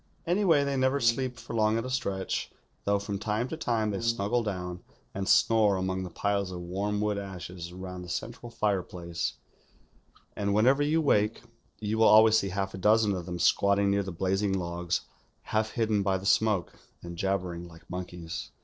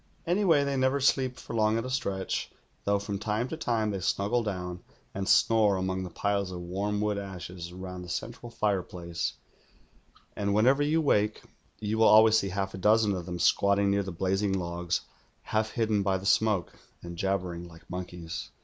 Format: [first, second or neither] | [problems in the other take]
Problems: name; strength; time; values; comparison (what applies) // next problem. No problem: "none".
second | noise reduction (neural separator model SepFormer DNS4)